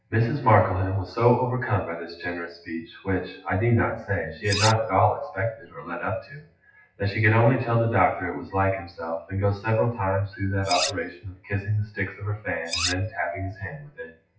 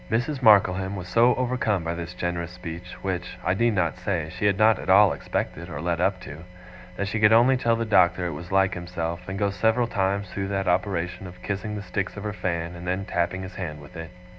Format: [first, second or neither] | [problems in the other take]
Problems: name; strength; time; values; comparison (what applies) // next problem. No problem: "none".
second | noise reduction (classical method WPE with log-MMSE)